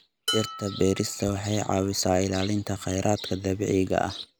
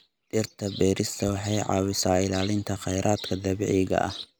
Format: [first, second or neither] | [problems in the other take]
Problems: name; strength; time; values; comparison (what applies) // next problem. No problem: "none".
second | background sound (Dishes, pots, and pans); 13 dB below the speech